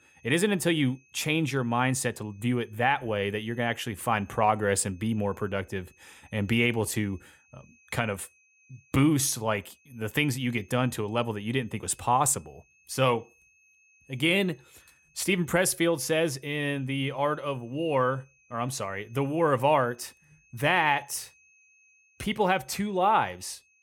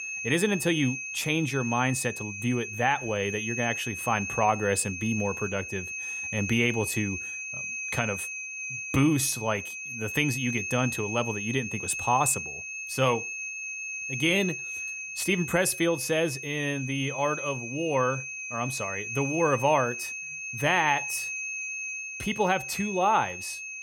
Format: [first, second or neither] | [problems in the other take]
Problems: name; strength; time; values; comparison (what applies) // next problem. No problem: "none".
first | high-pitched whine; loud; throughout; 2.5 kHz, 6 dB below the speech; faint in the first